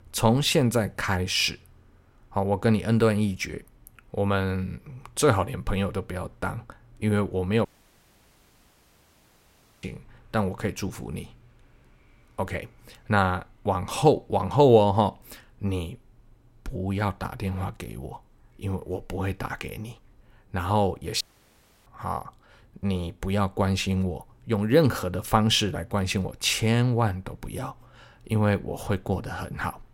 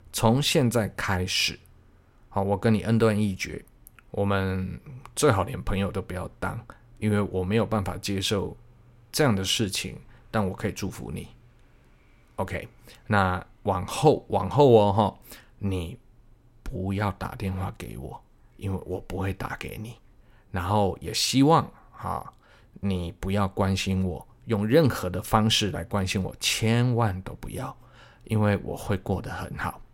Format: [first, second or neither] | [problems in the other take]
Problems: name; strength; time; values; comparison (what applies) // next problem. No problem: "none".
second | audio cutting out; at 7.5 s for 2 s and at 21 s for 0.5 s